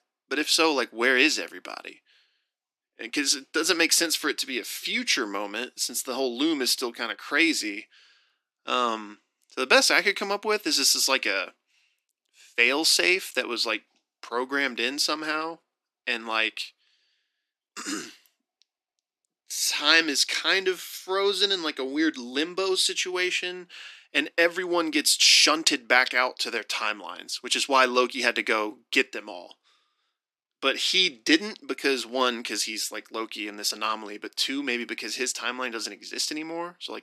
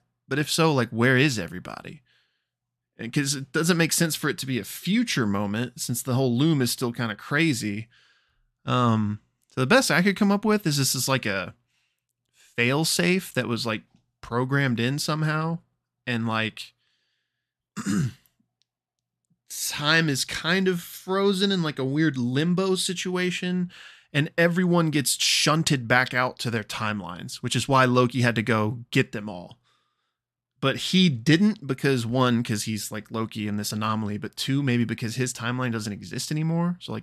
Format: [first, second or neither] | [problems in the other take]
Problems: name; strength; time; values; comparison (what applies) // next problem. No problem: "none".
second | thin; somewhat; fading below 300 Hz